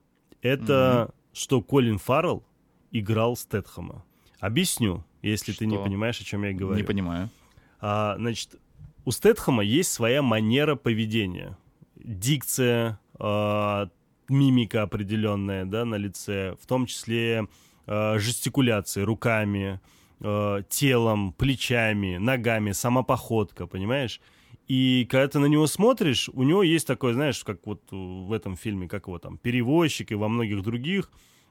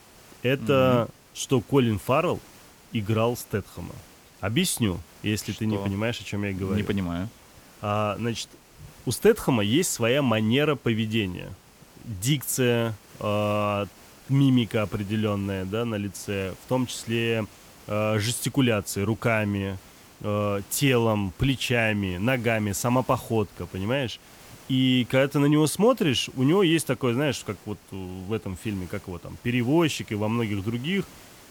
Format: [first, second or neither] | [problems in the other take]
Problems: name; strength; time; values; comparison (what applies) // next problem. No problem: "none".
first | hiss; faint; throughout; 25 dB below the speech